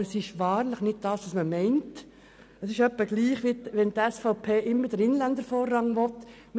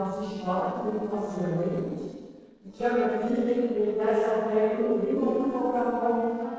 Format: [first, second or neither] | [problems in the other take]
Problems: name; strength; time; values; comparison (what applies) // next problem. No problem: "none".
first | noise reduction (neural separator model SepFormer DNS4)